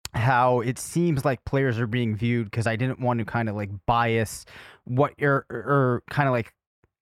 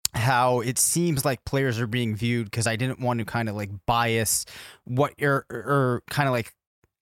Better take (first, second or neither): second